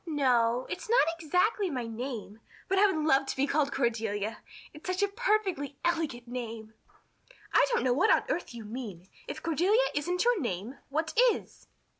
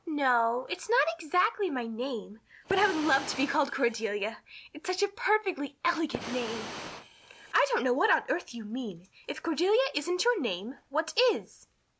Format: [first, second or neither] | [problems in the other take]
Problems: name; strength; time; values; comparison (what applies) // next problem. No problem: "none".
first | background sound (Fire); 10 dB below the speech